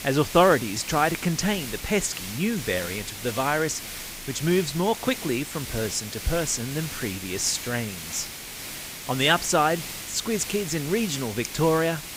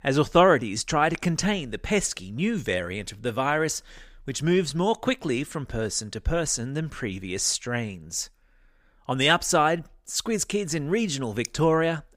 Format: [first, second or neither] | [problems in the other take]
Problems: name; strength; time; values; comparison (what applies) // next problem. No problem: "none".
second | hiss; loud; throughout; 9 dB below the speech